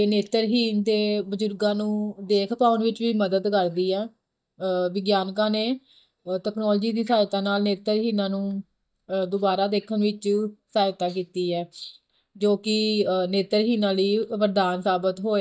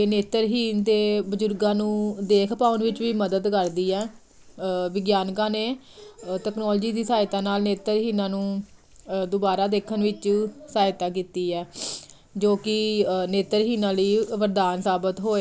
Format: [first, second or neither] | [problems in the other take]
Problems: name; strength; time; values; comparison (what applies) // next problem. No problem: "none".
second | noise reduction (neural mask model DeepFilterNet 3)